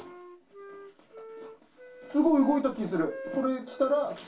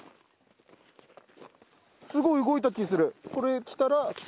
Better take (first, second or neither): second